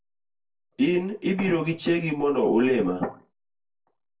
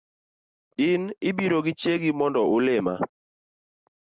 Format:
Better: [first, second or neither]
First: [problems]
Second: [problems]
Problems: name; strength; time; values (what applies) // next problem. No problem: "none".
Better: second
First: room echo; dies away in 0.2 s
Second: none